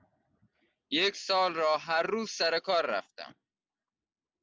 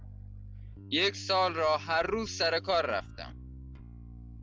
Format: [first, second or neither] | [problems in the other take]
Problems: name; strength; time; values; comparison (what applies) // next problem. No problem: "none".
first | background sound (Bass guitar); 13 dB below the speech